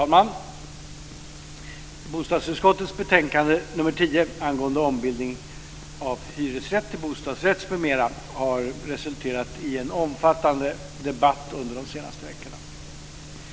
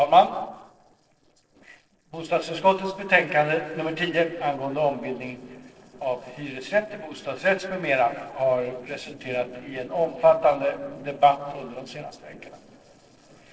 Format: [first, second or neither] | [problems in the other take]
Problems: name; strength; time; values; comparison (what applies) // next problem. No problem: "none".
first | noise reduction (neural separator model SepFormer DNS4)